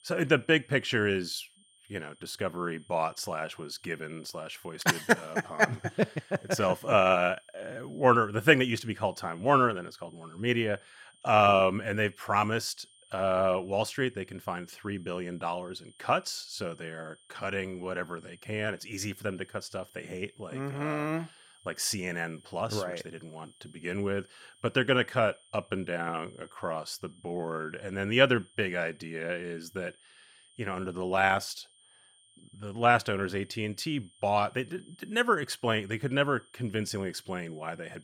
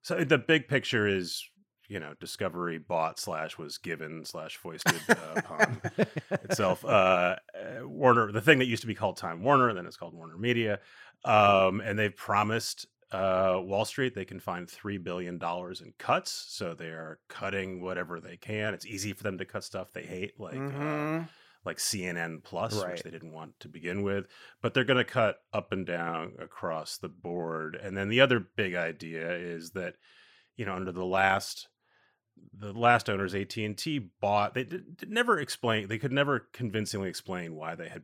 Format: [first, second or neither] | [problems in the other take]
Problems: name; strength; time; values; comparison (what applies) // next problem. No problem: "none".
second | high-pitched whine; faint; throughout; 3.5 kHz, 30 dB below the speech